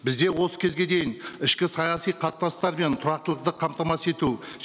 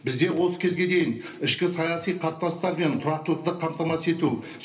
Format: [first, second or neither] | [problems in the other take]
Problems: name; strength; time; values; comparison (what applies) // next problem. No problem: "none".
first | room echo; dies away in 0.3 s